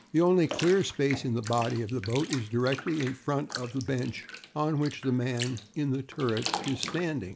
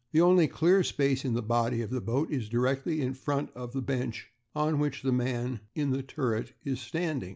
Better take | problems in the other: second | background sound (Bathtub (filling or washing)); 11 dB below the speech

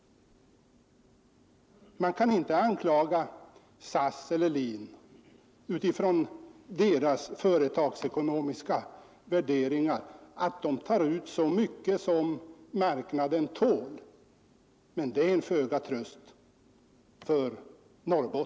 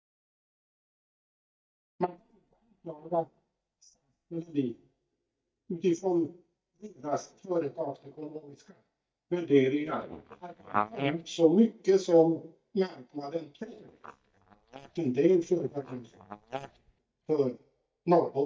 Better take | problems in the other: first | noise reduction (neural mask model DeepFilterNet 3)

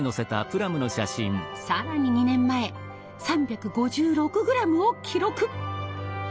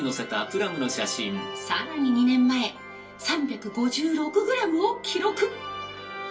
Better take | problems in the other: first | room echo; dies away in 0.3 s

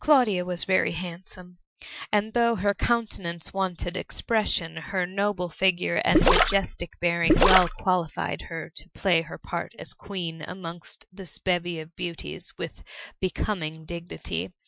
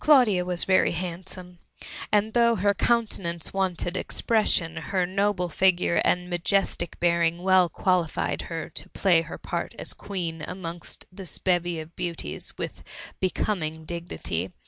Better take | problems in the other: second | noise reduction (classical method Wiener filter)

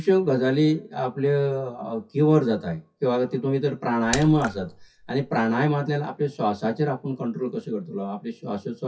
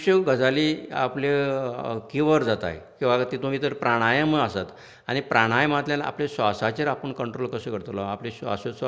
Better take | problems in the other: second | noise reduction (classical method WPE with log-MMSE)

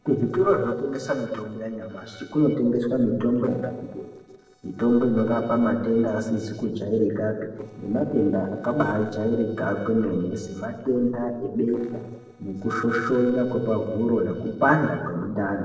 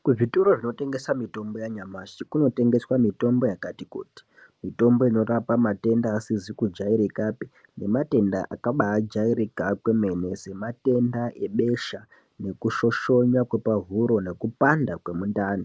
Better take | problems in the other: second | noise reduction (neural separator model SepFormer DNS4)

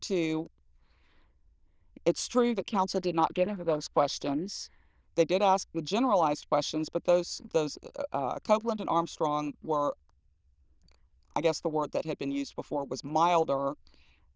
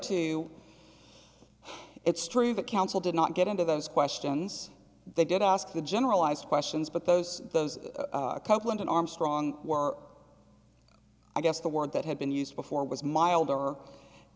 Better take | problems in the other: second | noise reduction (neural diffusion model UNIVERSE++)

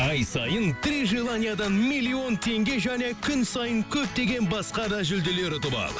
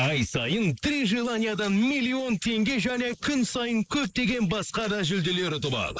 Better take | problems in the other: first | noise reduction (neural mask model Resemble Enhance denoiser)

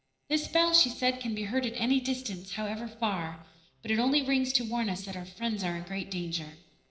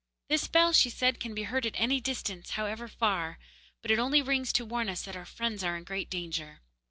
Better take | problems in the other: second | noise reduction (neural separator model SepFormer DNS4)

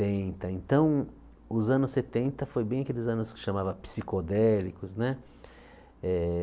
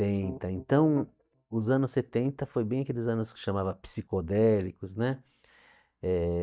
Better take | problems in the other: first | noise reduction (neural mask model DeepFilterNet 3)

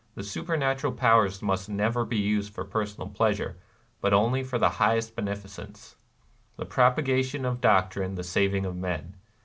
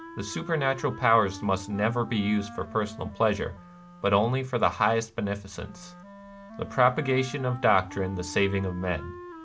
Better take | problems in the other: first | background sound (Wind instrument, woodwind instrument); 16 dB below the speech

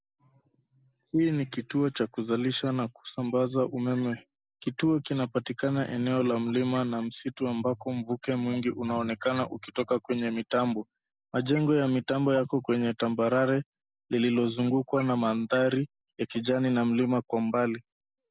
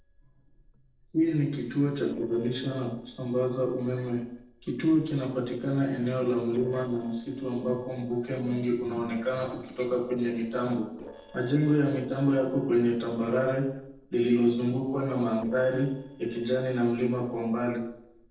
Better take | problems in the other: first | noise reduction (neural separator model SepFormer DNS4)

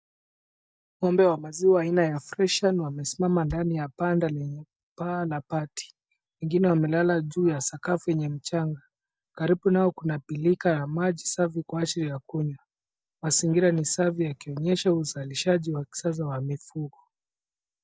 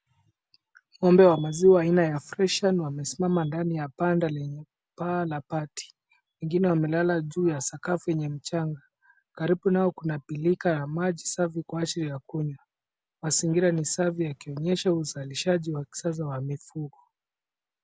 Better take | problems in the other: second | noise reduction (neural mask model DeepFilterNet 3)

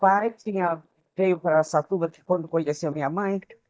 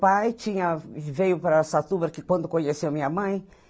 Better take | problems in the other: second | noise reduction (neural mask model DeepFilterNet 3)

